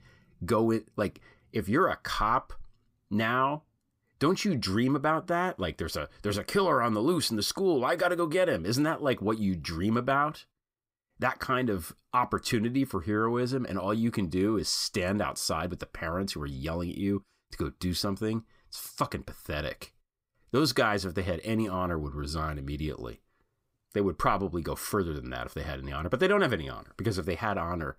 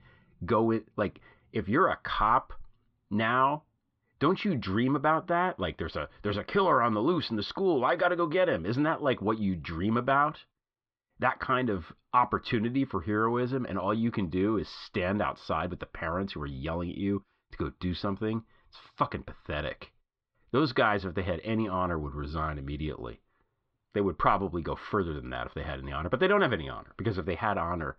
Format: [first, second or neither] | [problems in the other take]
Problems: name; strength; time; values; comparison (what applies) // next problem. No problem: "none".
first | muffled; slightly; fading above 3.5 kHz